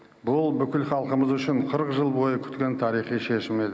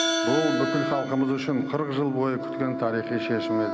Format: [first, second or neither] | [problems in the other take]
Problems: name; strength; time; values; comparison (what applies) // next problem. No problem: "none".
first | background sound (Wind instrument, woodwind instrument + Hi-hat); 3 dB below the speech